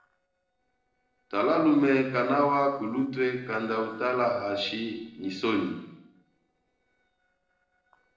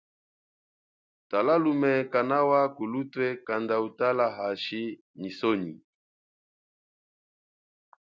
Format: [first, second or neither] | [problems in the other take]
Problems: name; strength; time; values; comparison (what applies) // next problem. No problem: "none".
second | noise reduction (neural separator model SepFormer DNS4)